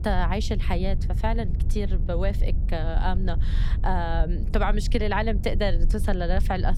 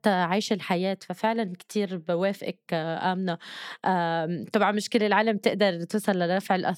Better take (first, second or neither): second